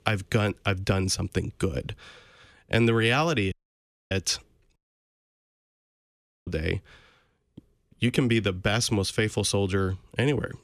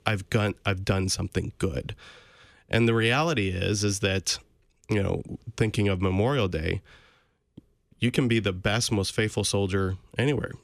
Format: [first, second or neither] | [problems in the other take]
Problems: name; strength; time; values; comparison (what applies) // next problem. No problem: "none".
second | audio cutting out; at 3.5 s for 0.5 s and at 5 s for 1.5 s